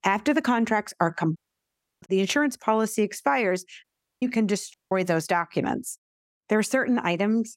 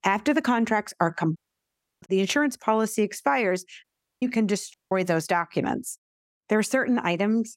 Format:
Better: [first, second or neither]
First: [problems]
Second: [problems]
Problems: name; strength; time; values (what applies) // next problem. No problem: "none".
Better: neither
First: audio cutting out; at 1.5 s for 0.5 s, at 4 s and at 4.5 s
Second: audio cutting out; at 1.5 s for 0.5 s, at 4 s and at 4.5 s